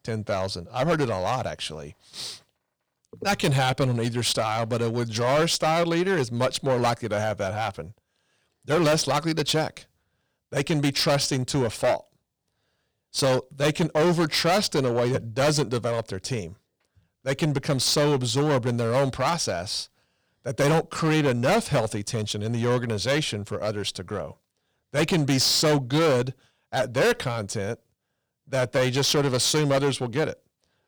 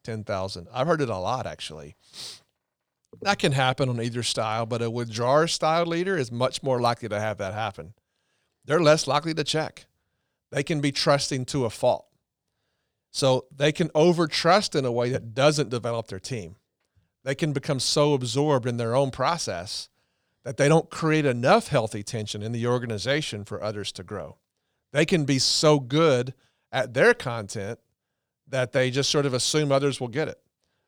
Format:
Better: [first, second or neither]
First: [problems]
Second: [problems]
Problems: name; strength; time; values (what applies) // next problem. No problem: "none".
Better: second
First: distortion; heavy; 11% of the sound clipped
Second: none